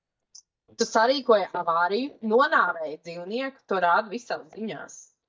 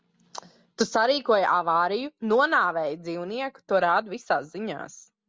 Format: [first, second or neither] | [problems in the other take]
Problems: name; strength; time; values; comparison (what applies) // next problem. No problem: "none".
second | noise reduction (neural mask model DeepFilterNet 3)